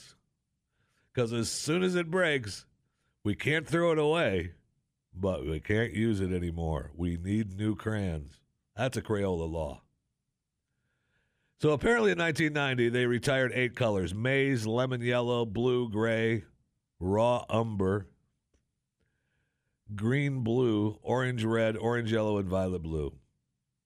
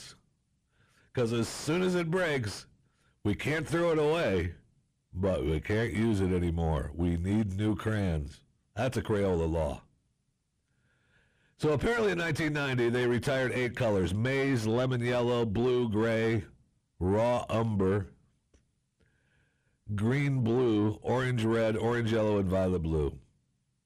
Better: first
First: none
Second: distortion; heavy; 8 dB below the speech

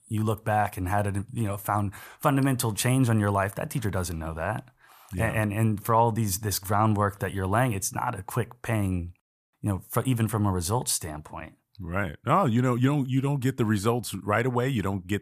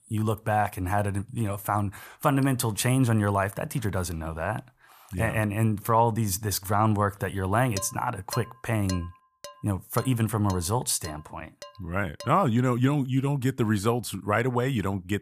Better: first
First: none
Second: clattering dishes; faint; from 8 to 12 s; peak 10 dB below the speech

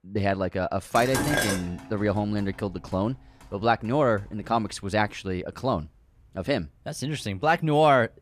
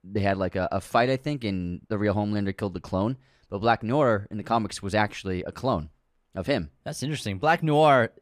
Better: second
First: clattering dishes; loud; at 1 s; peak 1 dB above the speech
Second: none

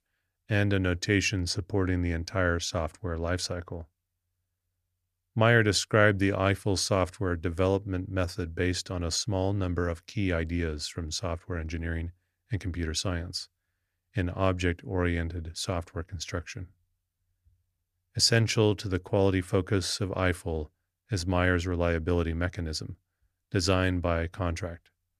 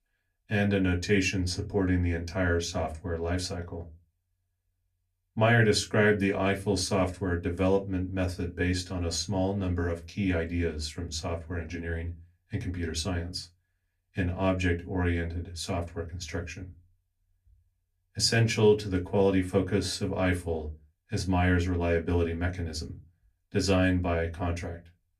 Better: first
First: none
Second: off-mic speech; far // room echo; very slight; dies away in 0.2 s

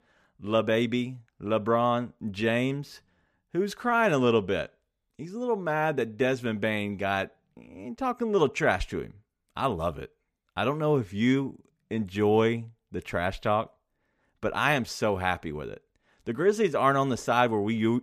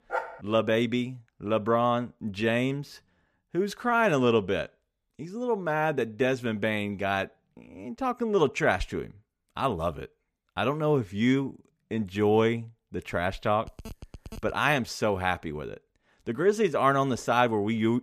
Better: first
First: none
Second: dog barking; noticeable; at the start; peak 7 dB below the speech // phone ringing; faint; at 14 s; peak 20 dB below the speech

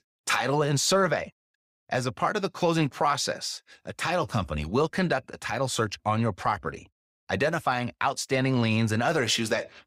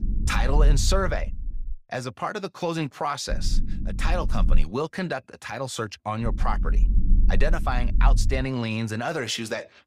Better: first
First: none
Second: low rumble; noticeable; until 1.5 s, from 3.5 to 4.5 s and from 6 to 8.5 s; 15 dB below the speech

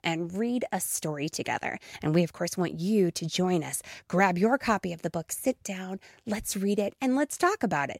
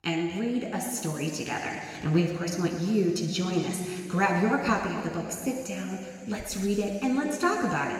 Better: first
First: none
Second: room echo; noticeable; dies away in 2.5 s // off-mic speech; somewhat distant

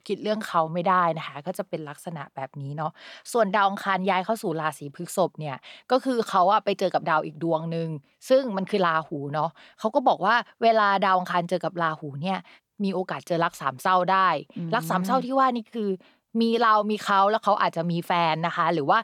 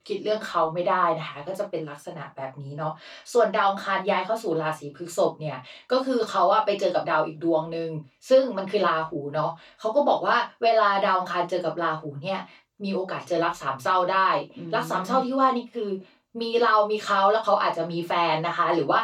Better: first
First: none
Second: room echo; slight; dies away in 0.2 s // off-mic speech; far

